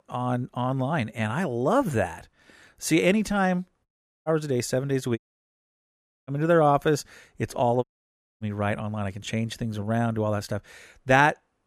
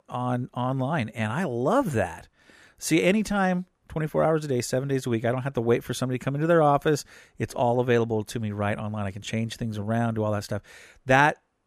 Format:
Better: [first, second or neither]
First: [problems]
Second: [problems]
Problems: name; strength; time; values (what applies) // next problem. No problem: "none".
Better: second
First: audio cutting out; at 4 s, at 5 s for 1 s and at 8 s for 0.5 s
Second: none